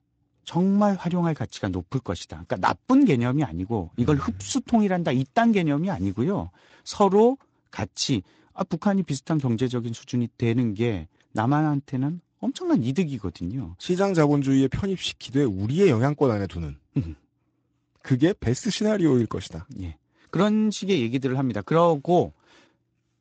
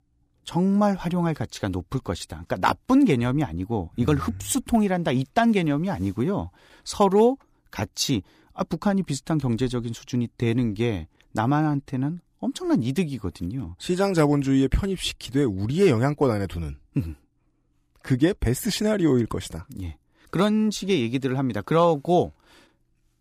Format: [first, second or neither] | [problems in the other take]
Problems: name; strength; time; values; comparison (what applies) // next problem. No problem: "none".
second | garbled, watery; slightly; nothing above 8 kHz